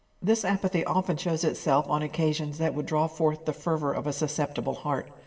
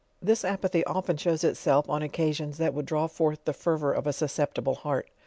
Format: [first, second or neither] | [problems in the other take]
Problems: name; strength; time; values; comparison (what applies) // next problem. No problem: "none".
second | room echo; dies away in 1.3 s